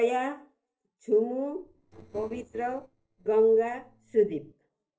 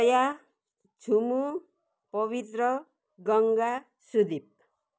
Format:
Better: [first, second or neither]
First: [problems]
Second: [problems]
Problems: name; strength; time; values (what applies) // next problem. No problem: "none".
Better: second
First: noise reduction (neural separator model SepFormer DNS4)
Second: none